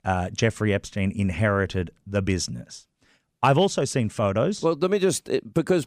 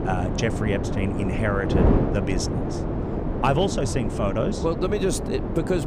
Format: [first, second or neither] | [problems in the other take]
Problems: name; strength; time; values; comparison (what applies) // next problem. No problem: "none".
first | wind noise on the microphone; heavy; 3 dB below the speech